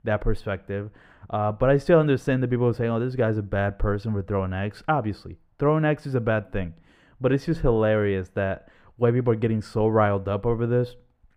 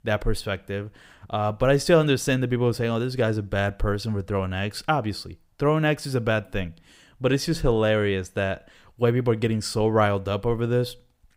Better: second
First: muffled; slightly; fading above 3 kHz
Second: none

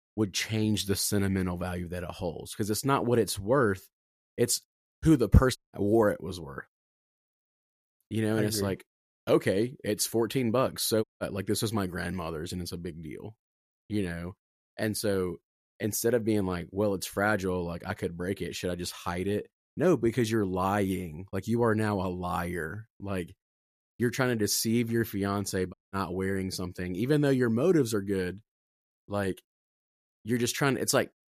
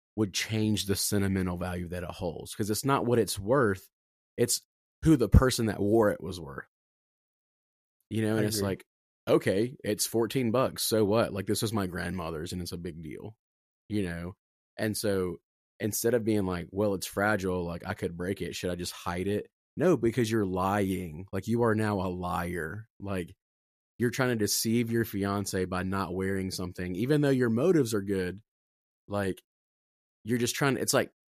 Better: second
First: audio cutting out; at 5.5 s, at 11 s and at 26 s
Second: none

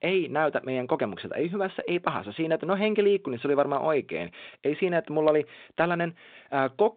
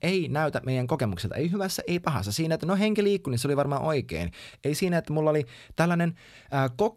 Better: second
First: phone-call audio; nothing above 3.5 kHz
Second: none

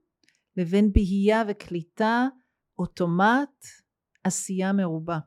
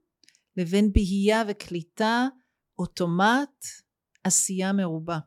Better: second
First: muffled; slightly; fading above 3 kHz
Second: none

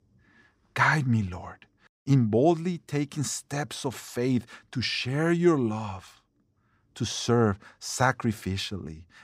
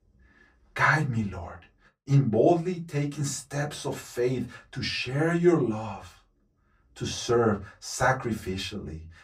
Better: first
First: none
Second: off-mic speech; far // room echo; very slight; dies away in 0.2 s

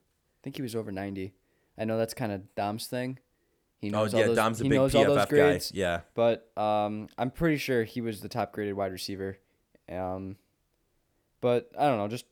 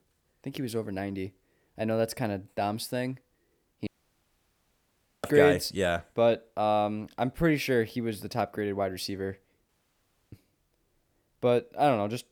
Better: first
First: none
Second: audio cutting out; at 4 s for 1.5 s and at 9.5 s for 0.5 s

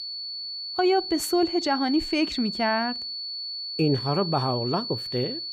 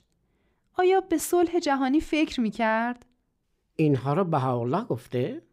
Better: second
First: high-pitched whine; loud; throughout; 4.5 kHz, 5 dB below the speech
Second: none

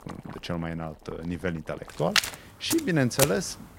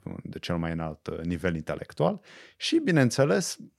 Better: second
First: household noises; very loud; throughout; 2 dB above the speech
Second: none

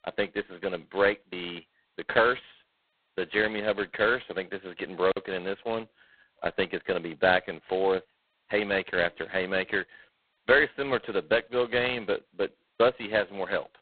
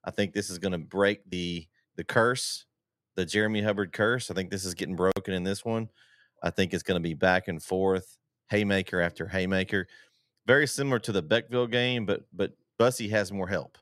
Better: second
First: phone-call audio; poor line; nothing above 4 kHz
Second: none

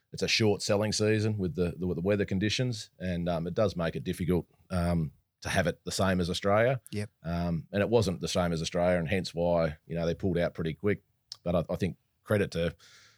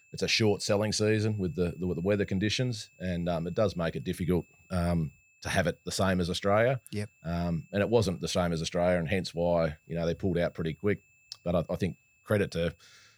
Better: first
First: none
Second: high-pitched whine; faint; throughout; 2.5 kHz, 30 dB below the speech

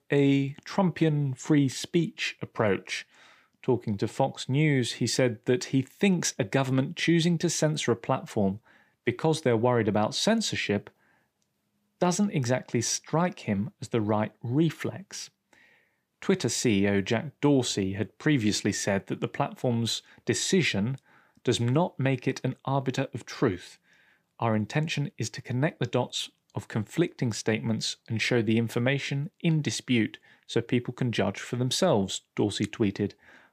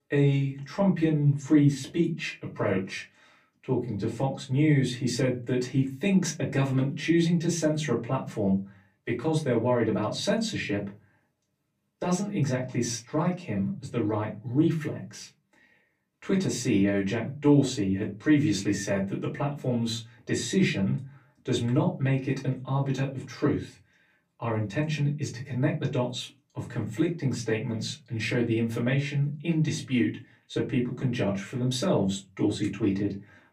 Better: first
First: none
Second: off-mic speech; far // room echo; very slight; dies away in 0.3 s

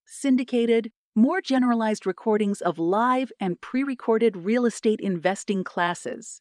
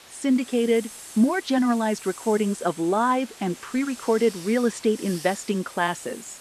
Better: first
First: none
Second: hiss; noticeable; throughout; 15 dB below the speech

